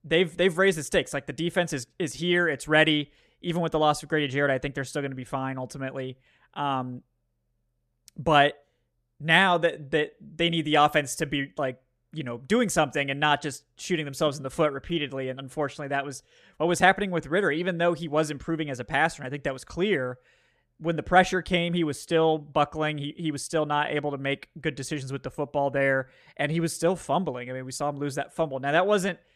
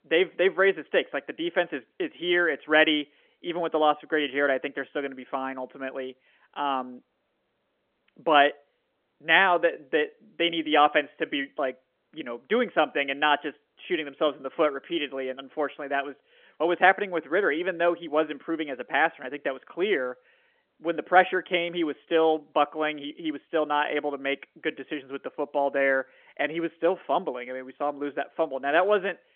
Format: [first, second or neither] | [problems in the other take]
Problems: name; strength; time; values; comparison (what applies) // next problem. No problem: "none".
first | phone-call audio; nothing above 3.5 kHz